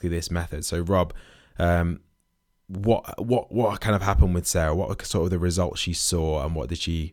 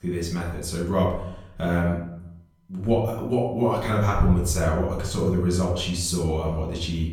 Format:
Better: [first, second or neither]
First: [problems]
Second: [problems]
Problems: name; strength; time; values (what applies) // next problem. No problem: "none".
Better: first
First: none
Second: room echo; noticeable; dies away in 0.6 s // off-mic speech; far